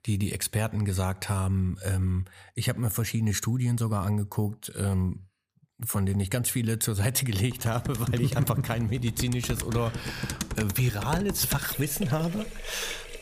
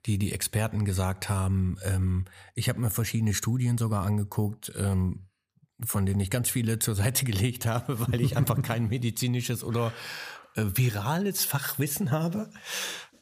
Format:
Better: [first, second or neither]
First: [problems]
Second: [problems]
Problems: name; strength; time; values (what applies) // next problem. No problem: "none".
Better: second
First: household noises; loud; from 7.5 s on; 9 dB below the speech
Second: none